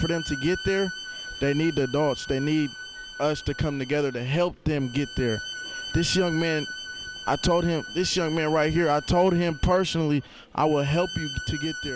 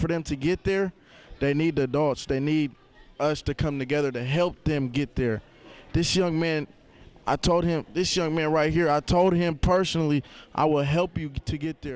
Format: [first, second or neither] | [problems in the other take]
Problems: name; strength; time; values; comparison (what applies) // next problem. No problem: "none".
second | background sound (Bowed string instrument); 12 dB below the speech